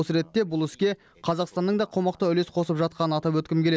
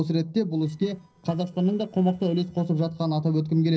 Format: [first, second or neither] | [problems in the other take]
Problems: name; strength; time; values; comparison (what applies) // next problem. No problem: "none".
first | noise reduction (neural separator model SepFormer DNS4)